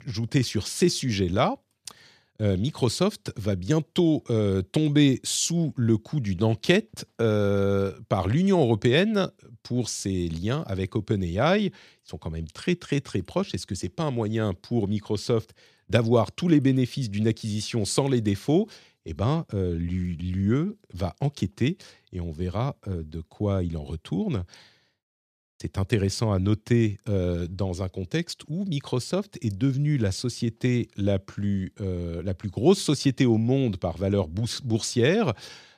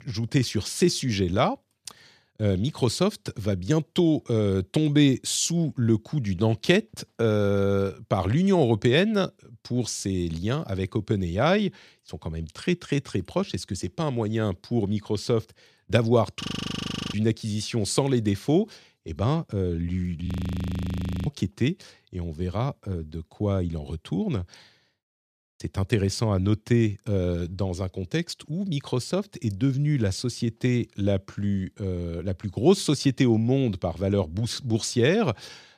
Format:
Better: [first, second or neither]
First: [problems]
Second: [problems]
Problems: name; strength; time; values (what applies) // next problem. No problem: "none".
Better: first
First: none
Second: audio freezing; at 16 s for 0.5 s and at 20 s for 1 s